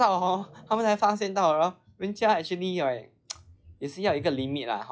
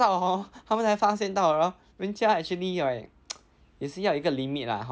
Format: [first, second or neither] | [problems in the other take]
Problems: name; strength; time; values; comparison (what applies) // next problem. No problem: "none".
second | noise reduction (classical method log-MMSE)